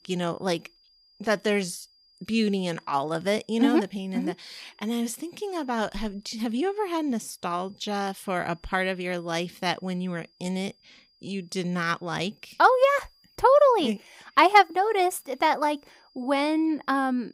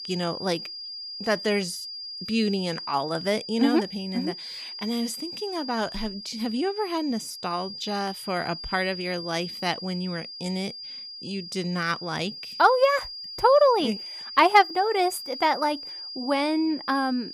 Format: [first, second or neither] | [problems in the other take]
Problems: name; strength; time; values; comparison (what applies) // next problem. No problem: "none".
first | high-pitched whine; loud; throughout; 5 kHz, 9 dB below the speech; faint in the first